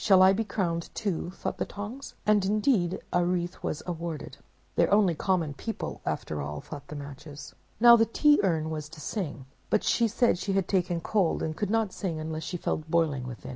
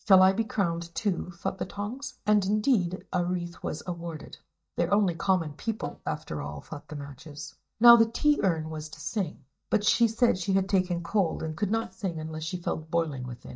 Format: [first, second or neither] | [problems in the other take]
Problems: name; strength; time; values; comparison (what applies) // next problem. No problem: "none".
first | noise reduction (neural mask model DeepFilterNet 3)